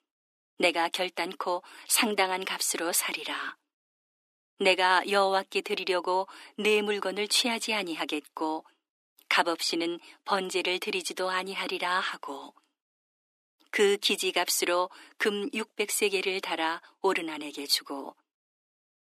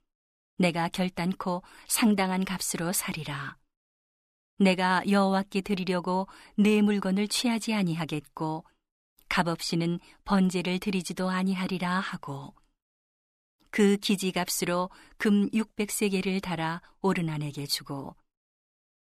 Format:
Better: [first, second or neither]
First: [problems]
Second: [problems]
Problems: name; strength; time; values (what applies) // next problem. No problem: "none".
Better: second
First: thin; very; fading below 300 Hz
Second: none